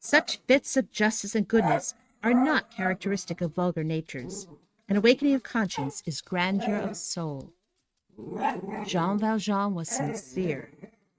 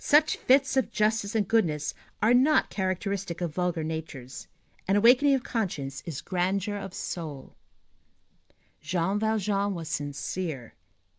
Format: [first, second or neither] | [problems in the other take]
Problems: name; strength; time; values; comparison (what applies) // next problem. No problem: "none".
second | noise reduction (neural mask model RNNoise)